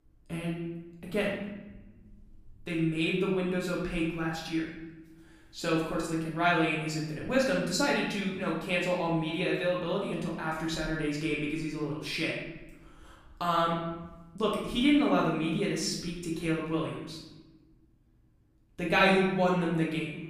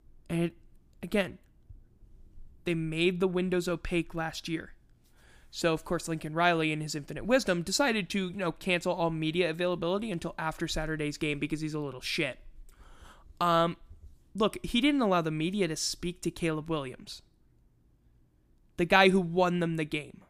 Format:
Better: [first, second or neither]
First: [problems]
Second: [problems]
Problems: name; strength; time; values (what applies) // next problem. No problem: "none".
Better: second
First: off-mic speech; far // room echo; noticeable; dies away in 0.9 s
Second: none